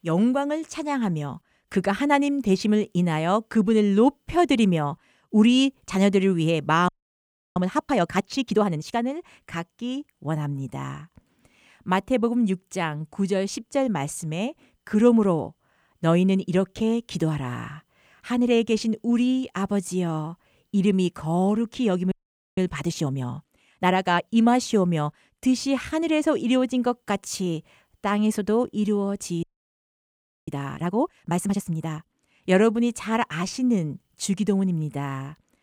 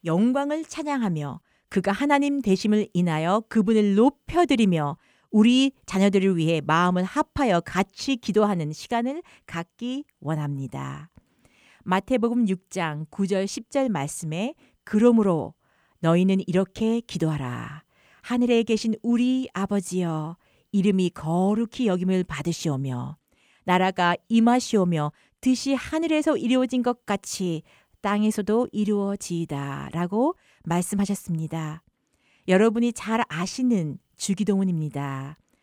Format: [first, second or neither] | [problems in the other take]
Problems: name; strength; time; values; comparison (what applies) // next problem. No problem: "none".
second | audio freezing; at 7 s for 0.5 s, at 22 s and at 29 s for 1 s